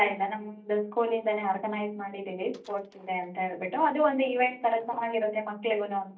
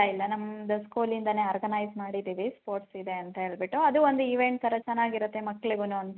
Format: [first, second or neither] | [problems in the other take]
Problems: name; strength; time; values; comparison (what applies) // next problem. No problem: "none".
second | noise reduction (neural mask model DeepFilterNet 3)